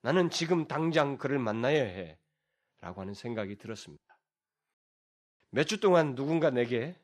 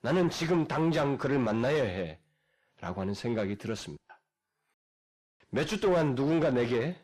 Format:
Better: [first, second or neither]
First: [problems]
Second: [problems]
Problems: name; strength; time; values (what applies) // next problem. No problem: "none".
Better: first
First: none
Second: distortion; heavy; 6 dB below the speech